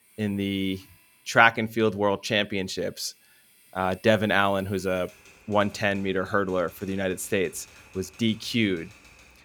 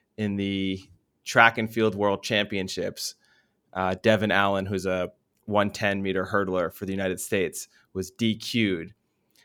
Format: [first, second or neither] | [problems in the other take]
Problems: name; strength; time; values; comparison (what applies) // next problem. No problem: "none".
second | household noises; faint; throughout; 25 dB below the speech